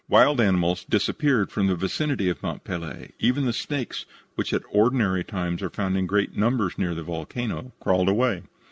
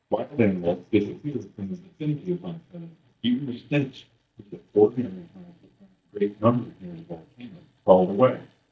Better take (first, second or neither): first